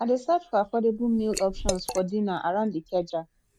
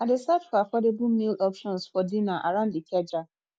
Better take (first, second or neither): second